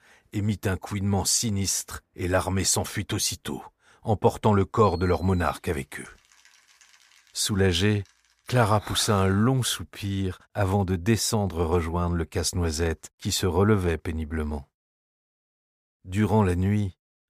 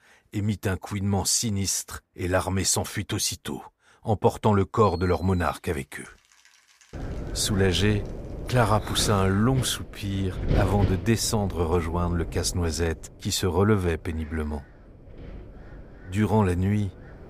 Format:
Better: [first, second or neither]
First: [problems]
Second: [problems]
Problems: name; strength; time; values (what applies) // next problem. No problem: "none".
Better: first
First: none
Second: wind noise on the microphone; occasional gusts; from 7 s on; 15 dB below the speech